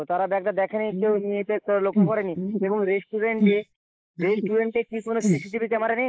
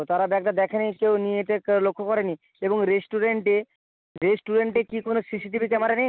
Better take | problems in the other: second | noise reduction (neural mask model Resemble Enhance denoiser)

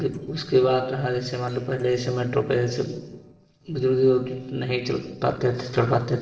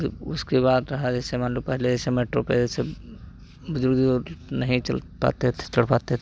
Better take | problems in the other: second | noise reduction (neural separator model SepFormer DNS4)

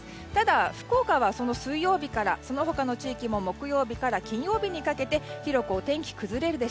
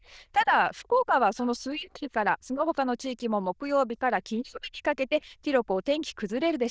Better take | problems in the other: first | noise reduction (neural diffusion model UNIVERSE++)

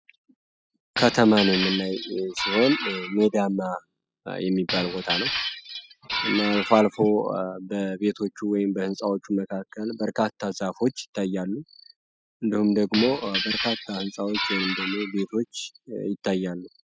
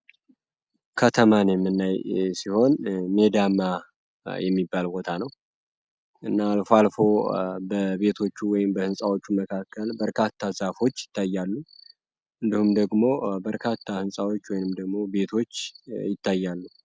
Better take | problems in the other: second | noise reduction (classical method spectral subtraction)

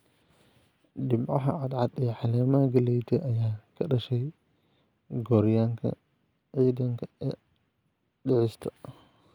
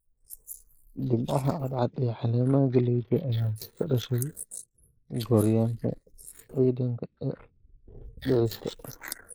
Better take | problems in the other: first | noise reduction (neural mask model Resemble Enhance denoiser)

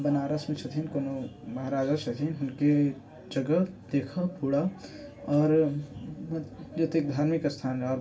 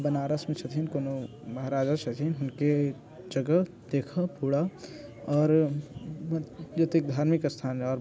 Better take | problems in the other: second | room echo; dies away in 0.2 s

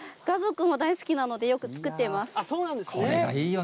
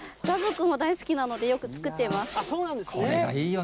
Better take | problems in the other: first | background sound (Zipper (clothing) + Snare drum); 14 dB below the speech

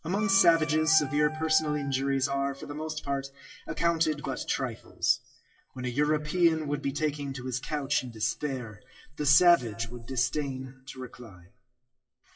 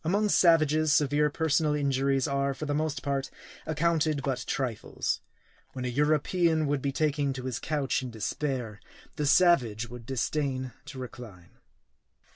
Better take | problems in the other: second | noise reduction (classical method WPE with log-MMSE)

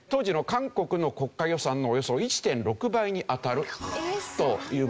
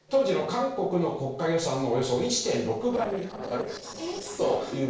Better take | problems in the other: first | noise reduction (neural separator model SepFormer DNS4)

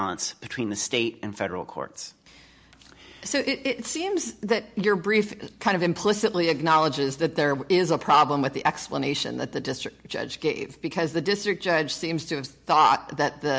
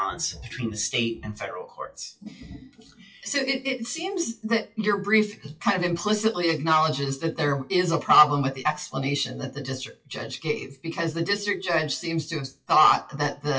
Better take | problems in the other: first | noise reduction (classical method WPE with log-MMSE)

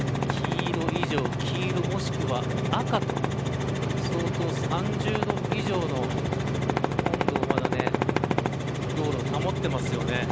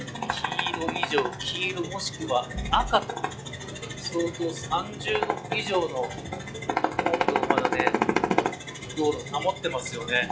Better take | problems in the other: first | noise reduction (classical method log-MMSE)

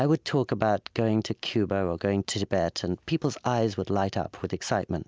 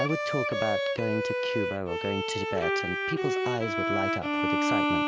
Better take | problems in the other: first | background sound (Bowed string instrument); 4 dB above the speech

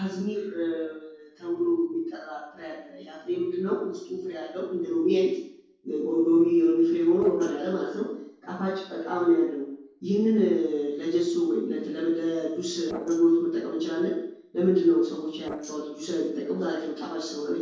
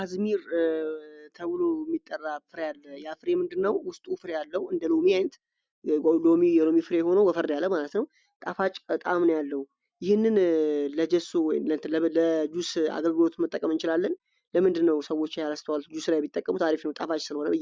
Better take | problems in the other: second | noise reduction (neural separator model SepFormer DNS4)

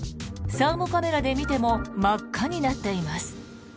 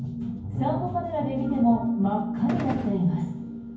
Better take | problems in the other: first | background sound (Gunshot, gunfire); 8 dB below the speech // room echo; dies away in 0.9 s

